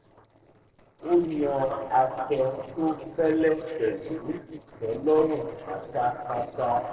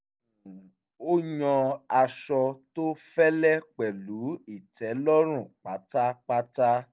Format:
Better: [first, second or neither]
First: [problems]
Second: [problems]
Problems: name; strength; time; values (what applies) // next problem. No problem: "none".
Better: second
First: noise reduction (neural separator model SepFormer DNS4)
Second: none